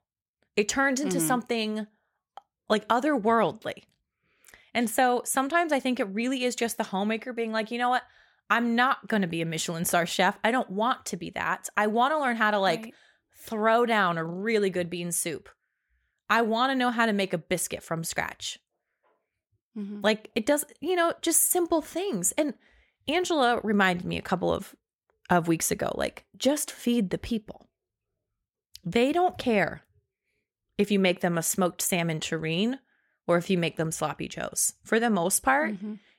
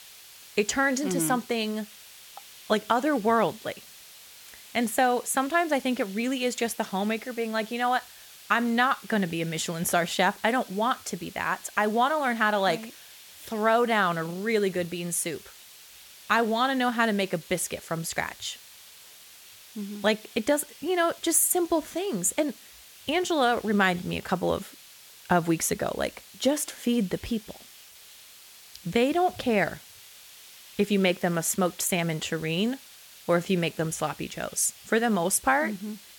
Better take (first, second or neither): first